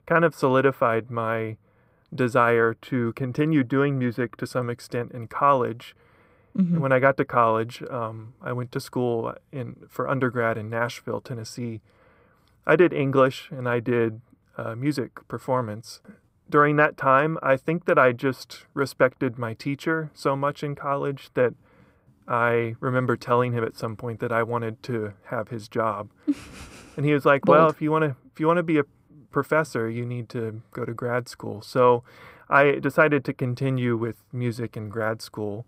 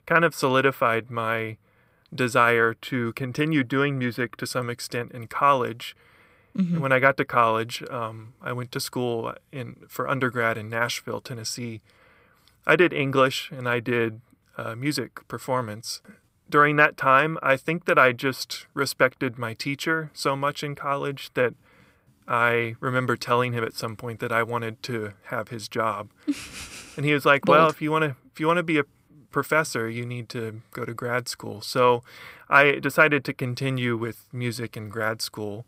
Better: second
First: muffled; slightly; fading above 1.5 kHz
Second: none

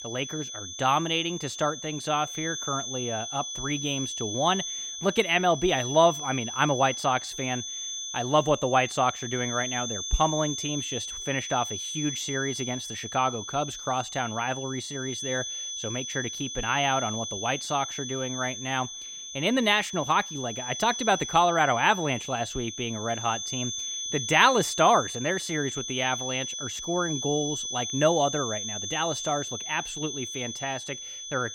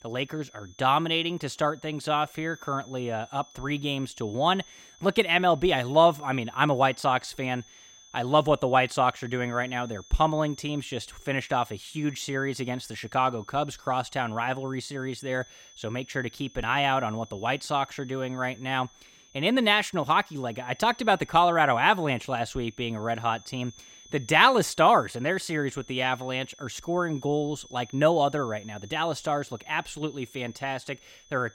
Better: second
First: high-pitched whine; loud; throughout; 3.5 kHz, 5 dB below the speech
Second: high-pitched whine; faint; throughout; 3.5 kHz, 25 dB below the speech

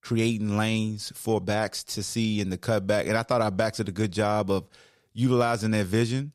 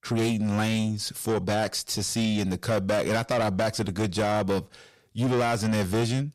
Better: first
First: none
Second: distortion; heavy; 7 dB below the speech

